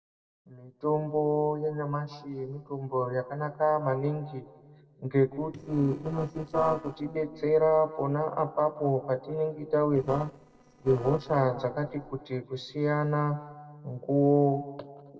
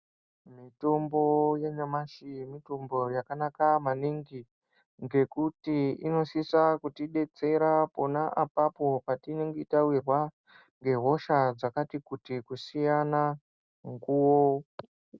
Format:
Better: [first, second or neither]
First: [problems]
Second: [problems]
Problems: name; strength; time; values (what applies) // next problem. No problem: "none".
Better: second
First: noise reduction (neural separator model SepFormer DNS4)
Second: none